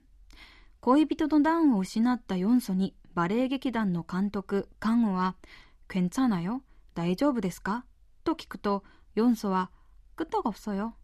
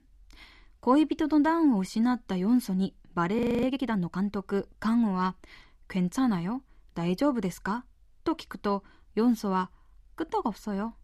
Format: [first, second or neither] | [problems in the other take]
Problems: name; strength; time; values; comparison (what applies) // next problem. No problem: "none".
first | audio freezing; at 3.5 s